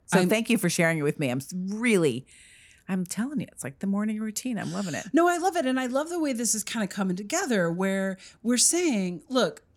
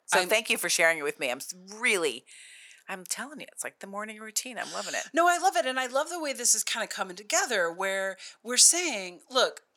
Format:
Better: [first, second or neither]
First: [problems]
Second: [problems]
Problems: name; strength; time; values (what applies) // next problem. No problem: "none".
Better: first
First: none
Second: thin; very; fading below 700 Hz